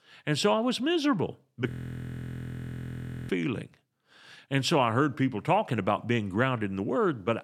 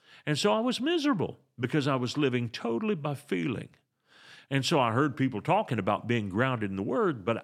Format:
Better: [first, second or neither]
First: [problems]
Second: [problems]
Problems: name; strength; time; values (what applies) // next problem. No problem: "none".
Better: second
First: audio freezing; at 1.5 s for 1.5 s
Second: none